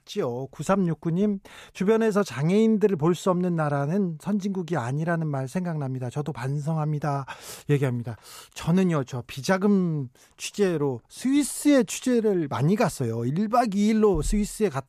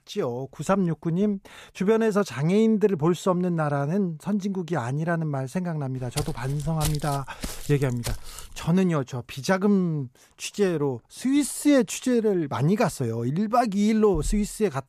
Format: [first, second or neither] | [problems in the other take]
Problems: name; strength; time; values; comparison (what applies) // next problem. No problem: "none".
first | footsteps; noticeable; from 6 to 8.5 s; peak 7 dB below the speech